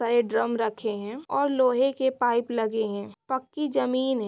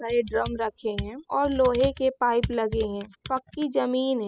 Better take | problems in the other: first | noise reduction (classical method spectral subtraction)

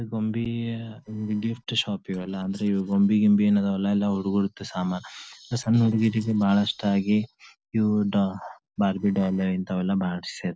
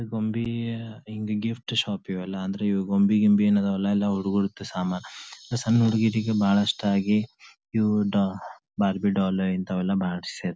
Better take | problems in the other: second | noise reduction (neural separator model SepFormer DNS4)

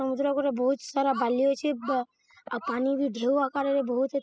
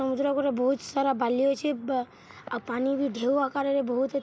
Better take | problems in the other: second | noise reduction (classical method spectral subtraction)

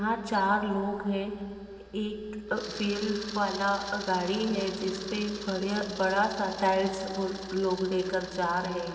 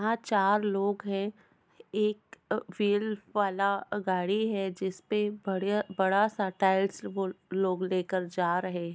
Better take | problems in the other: second | background sound (Camera); 14 dB below the speech // room echo; dies away in 2.7 s

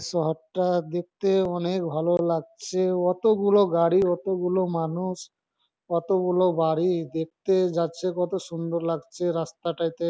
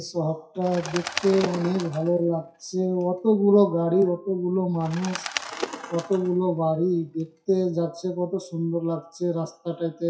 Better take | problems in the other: first | noise reduction (classical method WPE with log-MMSE)

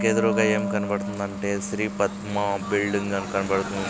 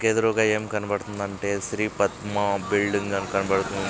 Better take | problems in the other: second | background sound (Wind instrument, woodwind instrument); 5 dB below the speech

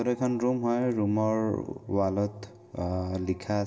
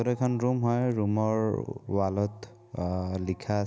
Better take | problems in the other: second | room echo; dies away in 1.5 s

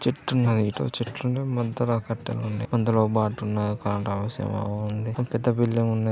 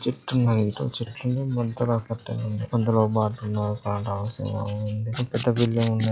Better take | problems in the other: first | noise reduction (classical method log-MMSE)

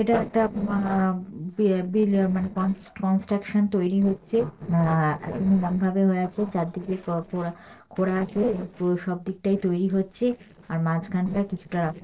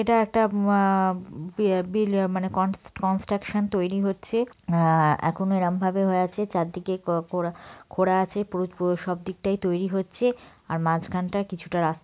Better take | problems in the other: second | noise reduction (neural separator model SepFormer DNS4)

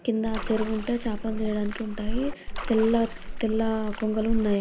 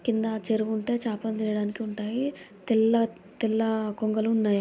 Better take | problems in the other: second | background sound (Splash, splatter); 4 dB below the speech

